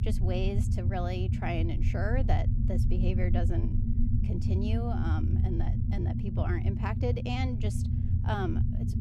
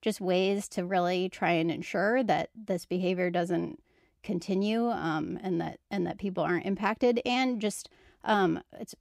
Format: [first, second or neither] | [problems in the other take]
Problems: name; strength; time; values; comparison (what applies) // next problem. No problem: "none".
second | low rumble; loud; throughout; 5 dB below the speech